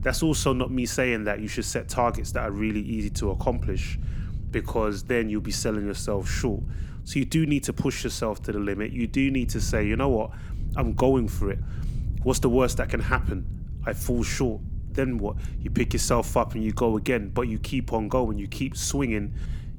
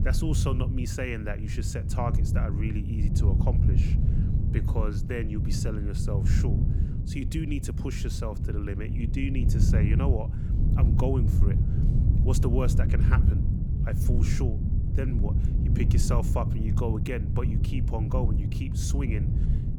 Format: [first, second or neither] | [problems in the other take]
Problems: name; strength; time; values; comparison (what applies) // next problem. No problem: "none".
first | wind noise on the microphone; heavy; 3 dB below the speech; occasional gusts in the first